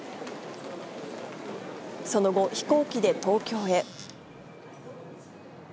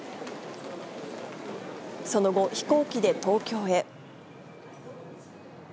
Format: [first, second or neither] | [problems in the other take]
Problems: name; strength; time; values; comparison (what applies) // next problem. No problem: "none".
second | background sound (Squeak / Cupboard open or close); 18 dB below the speech